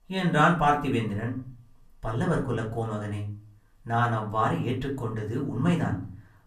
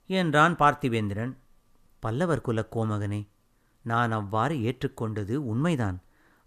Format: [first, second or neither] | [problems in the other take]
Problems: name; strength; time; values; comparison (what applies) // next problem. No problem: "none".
second | off-mic speech; far // room echo; very slight; dies away in 0.4 s